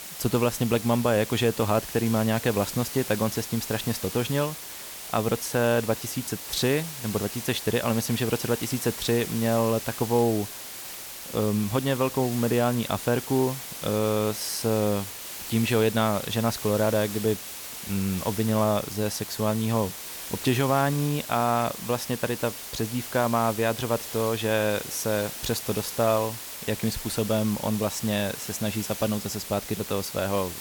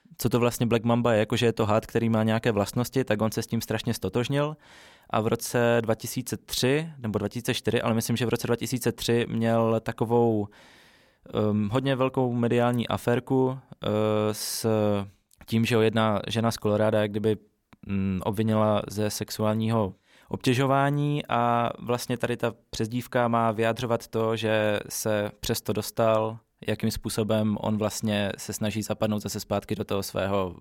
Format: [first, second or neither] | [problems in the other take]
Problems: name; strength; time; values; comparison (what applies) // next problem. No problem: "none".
second | hiss; loud; throughout; 8 dB below the speech